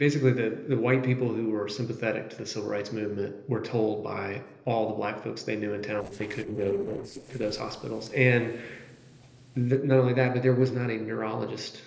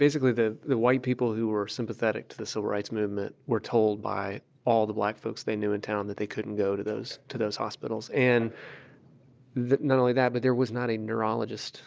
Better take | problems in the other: second | noise reduction (neural separator model SepFormer DNS4)

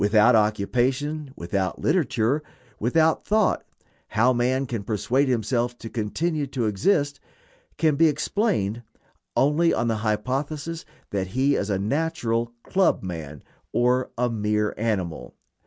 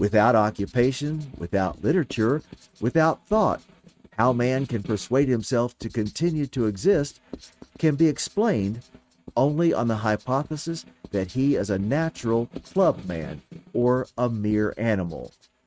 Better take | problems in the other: first | noise reduction (neural mask model RNNoise)

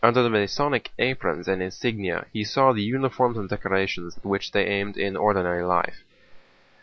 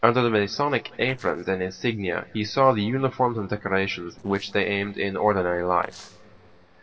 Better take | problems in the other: first | noise reduction (neural separator model SepFormer DNS4)

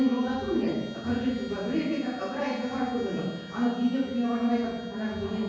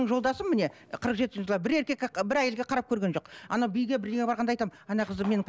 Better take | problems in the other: second | background sound (Trumpet); 19 dB below the speech // room echo; dies away in 1.3 s

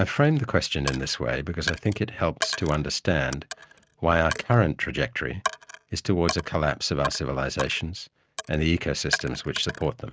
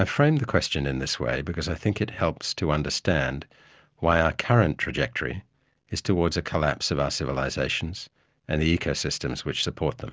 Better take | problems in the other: second | noise reduction (neural mask model RNNoise)

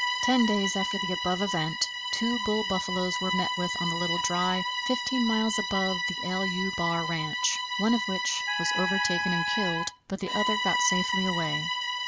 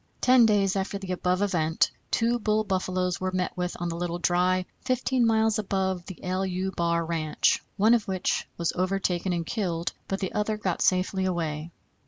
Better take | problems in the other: second | background sound (Wind instrument, woodwind instrument + Bowed string instrument); as loud as the speech

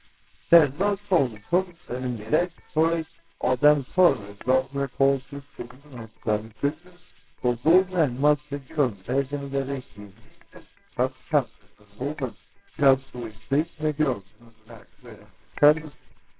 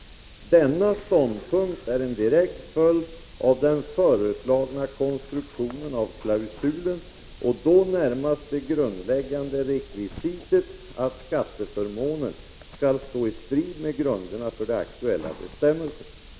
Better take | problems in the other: second | noise reduction (neural separator model SepFormer WHAMR!)

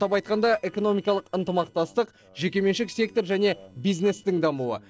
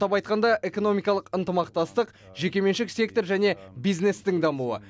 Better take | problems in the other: second | noise reduction (neural separator model SepFormer DNS4)

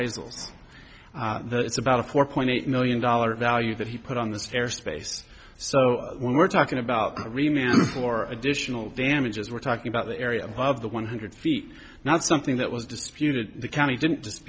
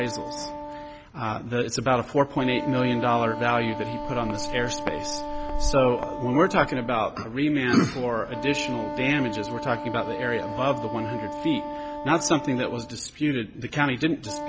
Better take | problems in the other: first | background sound (Wind instrument, woodwind instrument + Walk, footsteps); 7 dB below the speech

